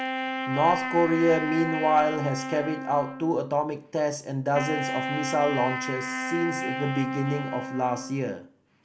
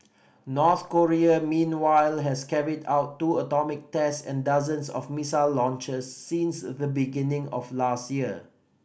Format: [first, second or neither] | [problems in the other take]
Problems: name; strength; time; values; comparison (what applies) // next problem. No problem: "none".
second | background sound (Wind instrument, woodwind instrument); 6 dB below the speech